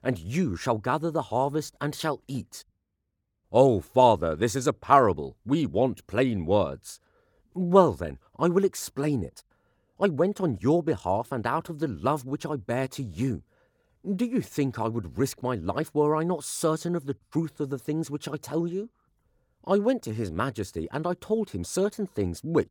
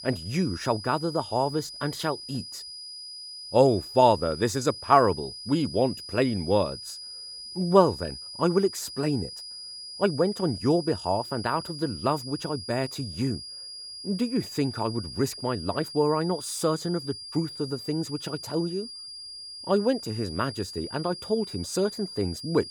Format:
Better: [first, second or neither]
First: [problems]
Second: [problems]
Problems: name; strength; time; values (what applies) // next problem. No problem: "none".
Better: first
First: none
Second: high-pitched whine; noticeable; throughout; 5 kHz, 10 dB below the speech